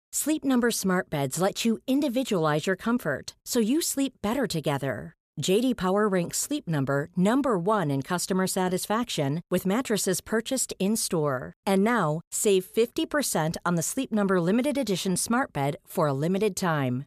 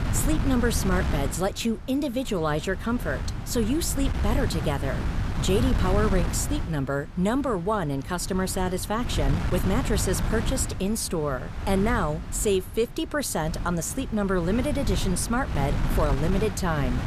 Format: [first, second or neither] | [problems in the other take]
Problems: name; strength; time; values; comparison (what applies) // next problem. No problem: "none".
first | wind noise on the microphone; heavy; 9 dB below the speech